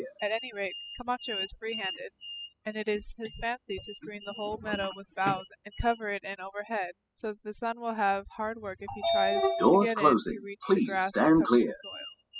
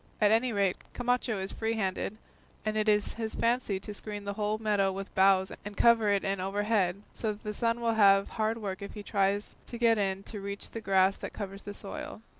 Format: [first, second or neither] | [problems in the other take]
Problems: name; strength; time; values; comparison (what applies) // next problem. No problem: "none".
second | noise reduction (classical method spectral subtraction)